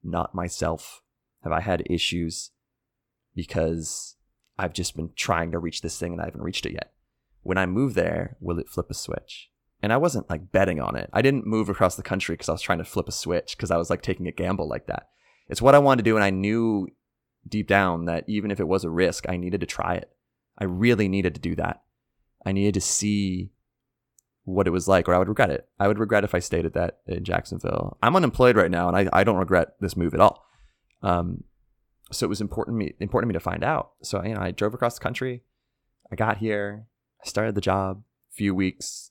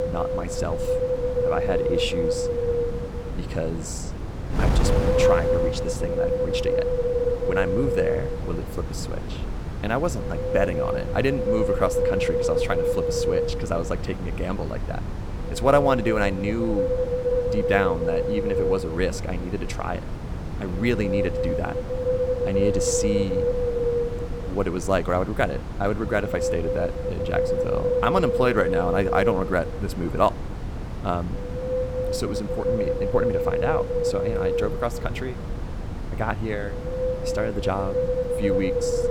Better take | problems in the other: first | wind noise on the microphone; heavy; 2 dB above the speech

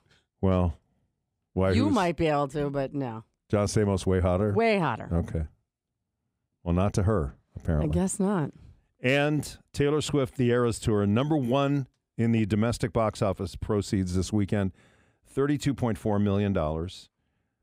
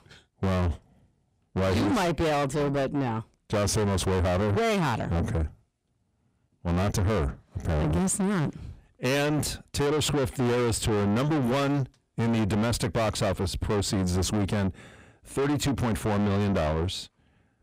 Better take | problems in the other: first | distortion; heavy; 6 dB below the speech

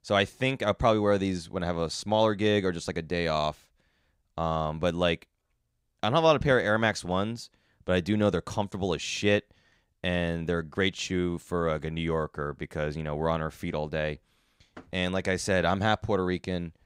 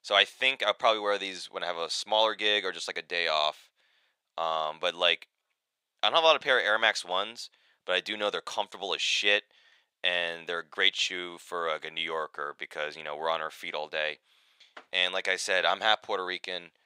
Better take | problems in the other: first | thin; very; fading below 700 Hz

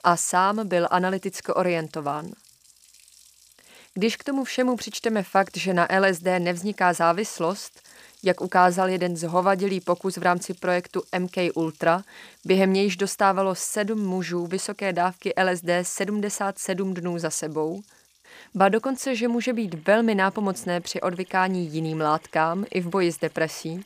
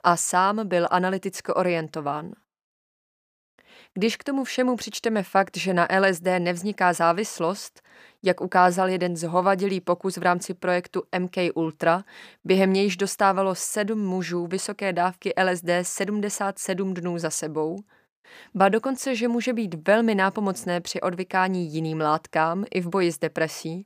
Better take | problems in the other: second | household noises; faint; throughout; 30 dB below the speech

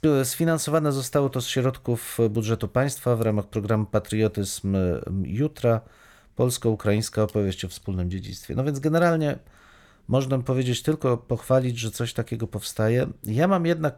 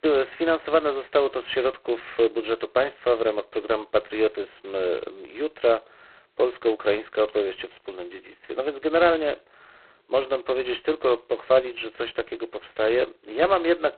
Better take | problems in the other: first | phone-call audio; poor line; nothing above 4 kHz

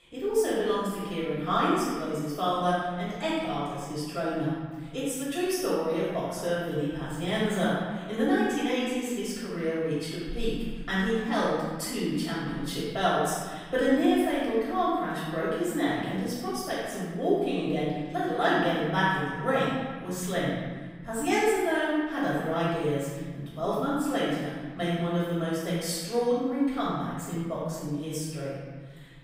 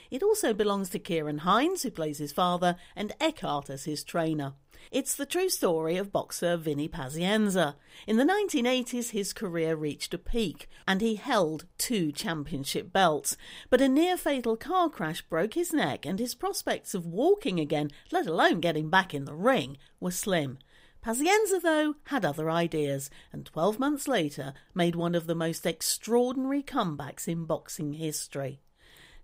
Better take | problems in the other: second | off-mic speech; far // room echo; strong; dies away in 1.7 s

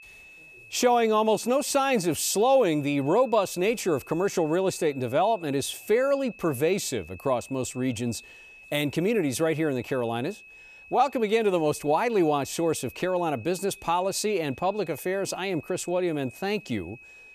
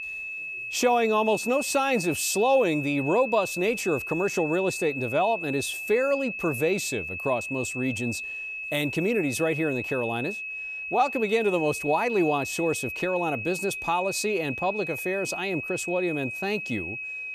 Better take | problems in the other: first | high-pitched whine; loud; throughout; 2.5 kHz, 5 dB below the speech; faint in the first

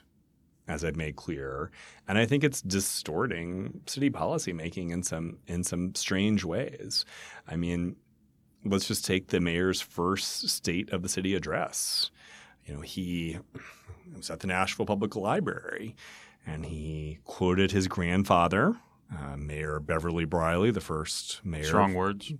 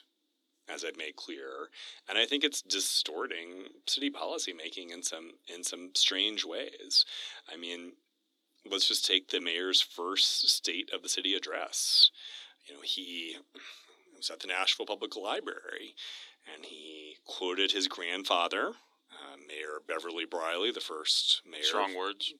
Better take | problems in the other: first | thin; somewhat; fading below 300 Hz

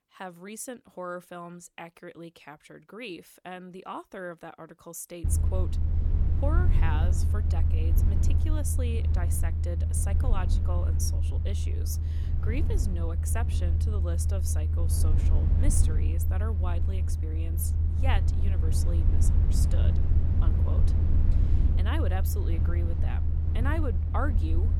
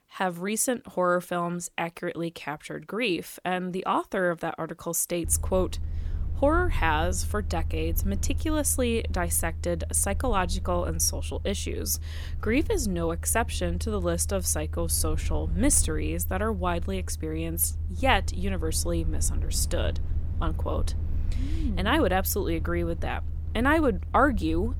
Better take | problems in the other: second | low rumble; loud; from 5 s on; 3 dB below the speech; faint in the second

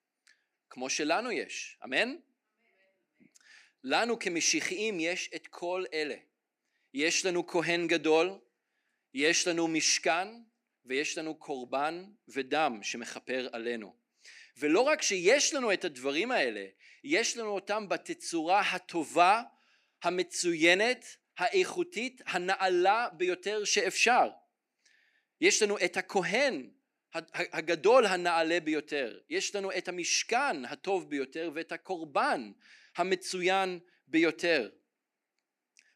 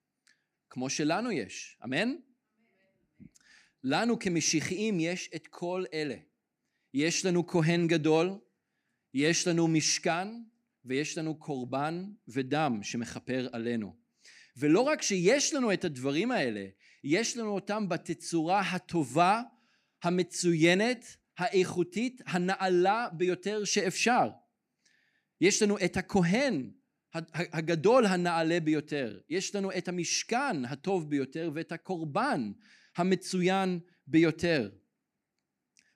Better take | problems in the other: second | thin; somewhat; fading below 450 Hz

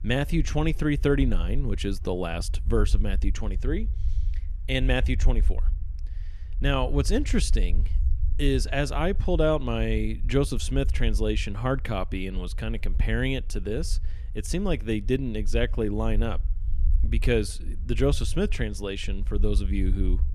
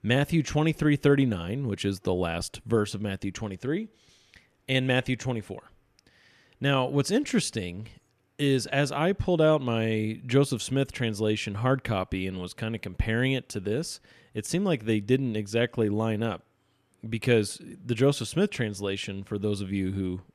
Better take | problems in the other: second | low rumble; faint; throughout; 20 dB below the speech

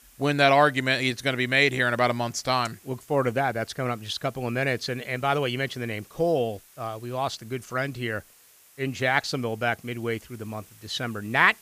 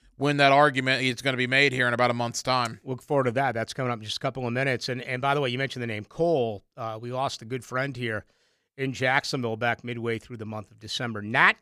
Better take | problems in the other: second | hiss; faint; throughout; 25 dB below the speech

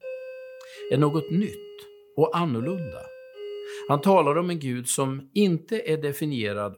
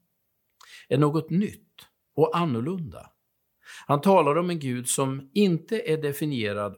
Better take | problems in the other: second | doorbell; faint; until 4.5 s; peak 10 dB below the speech

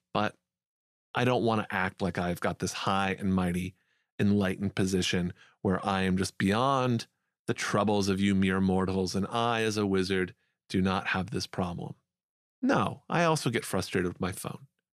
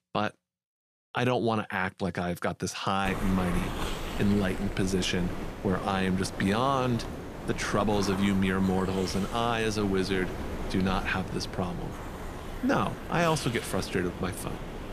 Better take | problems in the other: first | hiss; loud; from 3 s on; 8 dB below the speech

